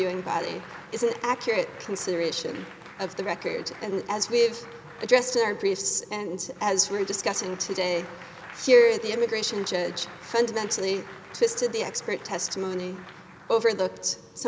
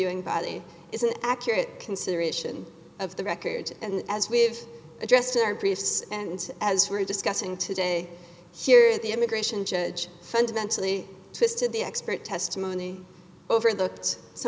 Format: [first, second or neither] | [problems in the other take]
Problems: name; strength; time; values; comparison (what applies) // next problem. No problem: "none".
second | background sound (Applause); 19 dB below the speech